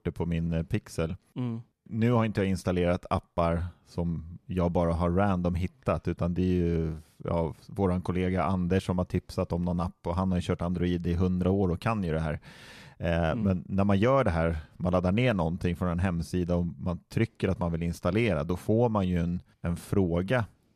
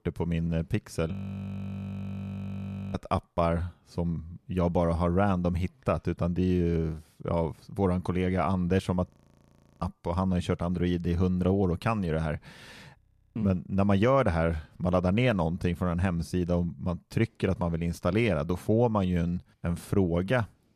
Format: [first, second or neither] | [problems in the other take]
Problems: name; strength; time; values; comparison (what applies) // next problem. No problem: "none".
first | audio freezing; at 1 s for 2 s, at 9 s for 0.5 s and at 13 s